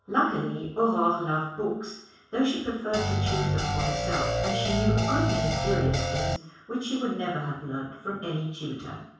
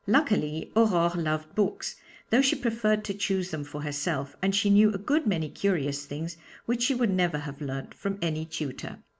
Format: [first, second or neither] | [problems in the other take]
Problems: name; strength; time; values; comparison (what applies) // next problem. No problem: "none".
second | background sound (Guitar); 3 dB above the speech // room echo; dies away in 0.7 s